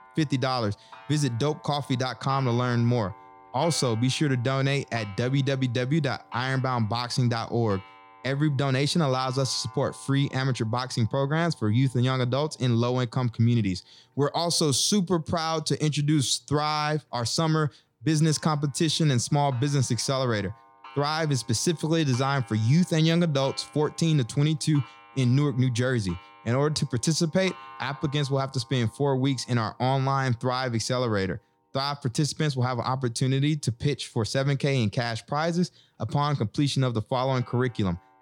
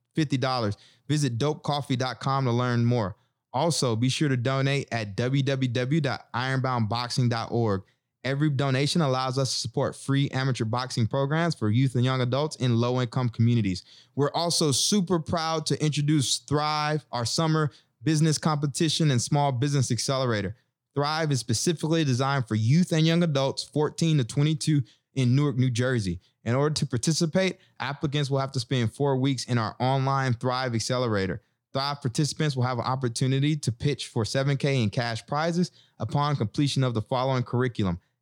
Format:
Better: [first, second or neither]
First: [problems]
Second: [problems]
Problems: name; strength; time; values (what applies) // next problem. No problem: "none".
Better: second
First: household noises; faint; throughout; 25 dB below the speech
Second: none